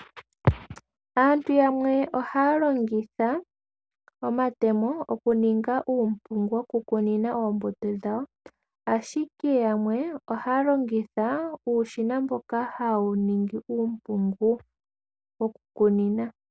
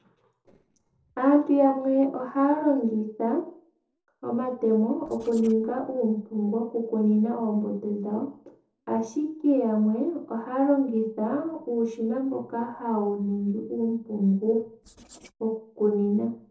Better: first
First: none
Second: noise reduction (neural separator model SepFormer DNS4)

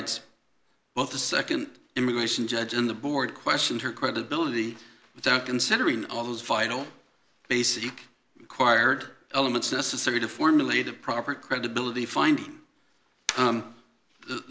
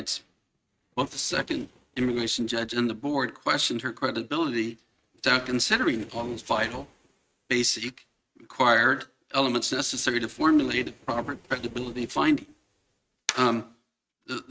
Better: first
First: none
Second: noise reduction (neural mask model RNNoise)

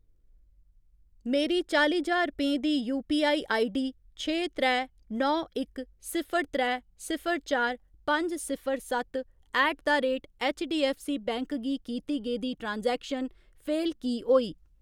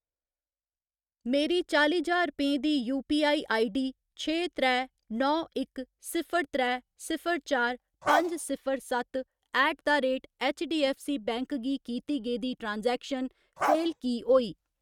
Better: first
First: none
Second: noise reduction (neural mask model RNNoise)

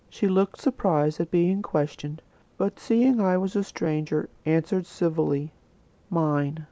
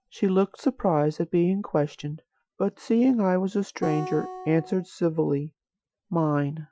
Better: first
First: none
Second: noise reduction (classical method Wiener filter)

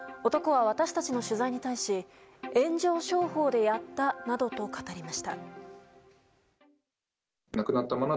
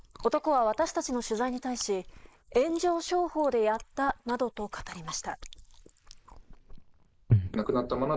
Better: first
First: none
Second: noise reduction (neural mask model Resemble Enhance denoiser)

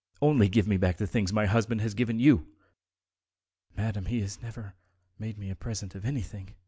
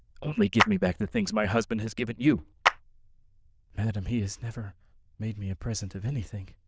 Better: first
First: none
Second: noise reduction (neural diffusion model UNIVERSE++)

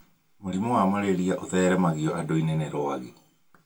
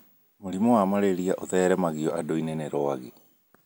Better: second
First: room echo; dies away in 0.1 s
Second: none

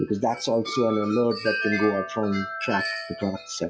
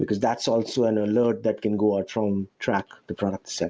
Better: second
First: noise reduction (classical method log-MMSE)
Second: none

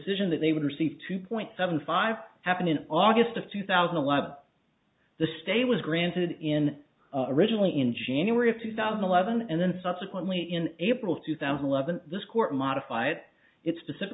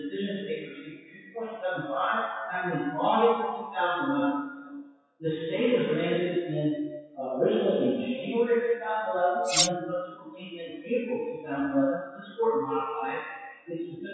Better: first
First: none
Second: noise reduction (classical method WPE with log-MMSE)

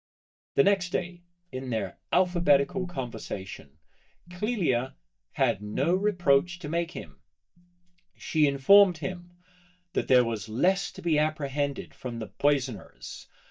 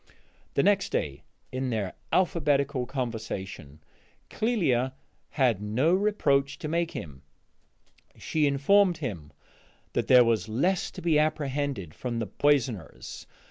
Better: second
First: noise reduction (neural mask model DeepFilterNet 3)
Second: none

